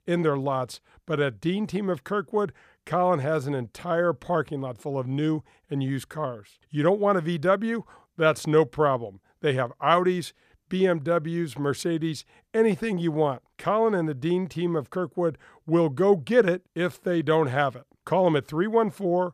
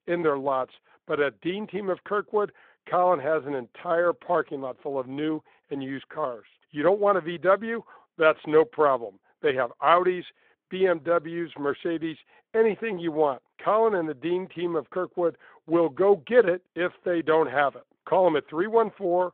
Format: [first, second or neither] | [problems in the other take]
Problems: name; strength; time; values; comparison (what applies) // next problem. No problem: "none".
first | phone-call audio